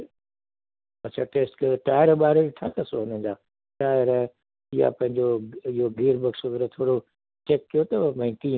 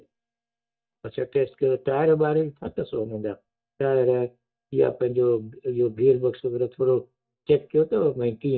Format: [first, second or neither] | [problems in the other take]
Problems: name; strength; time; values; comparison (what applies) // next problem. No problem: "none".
first | noise reduction (neural mask model DeepFilterNet 3)